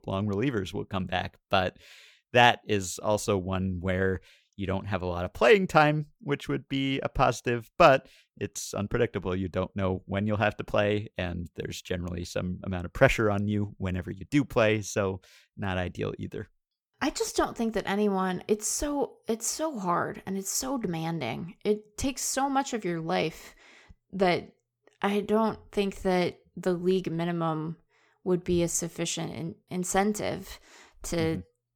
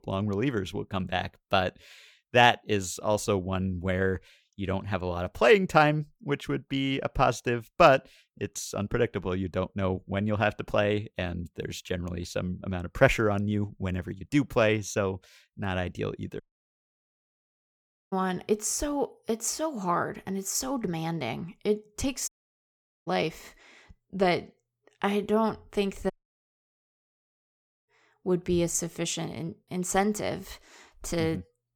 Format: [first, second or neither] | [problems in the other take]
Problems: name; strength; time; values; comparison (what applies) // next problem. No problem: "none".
first | audio cutting out; at 16 s for 1.5 s, at 22 s for 1 s and at 26 s for 2 s